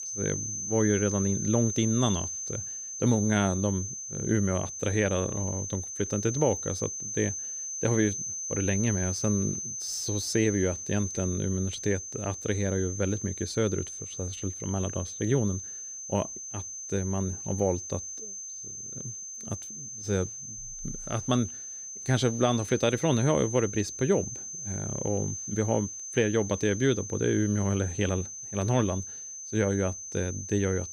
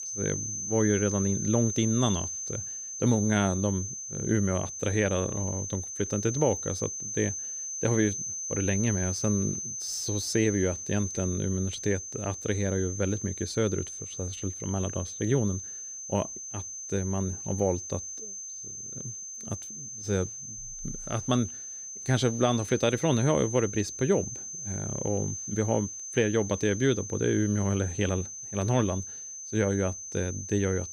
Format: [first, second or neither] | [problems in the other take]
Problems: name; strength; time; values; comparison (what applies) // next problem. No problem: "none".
neither | high-pitched whine; loud; throughout; 6 kHz, 6 dB below the speech; the same in both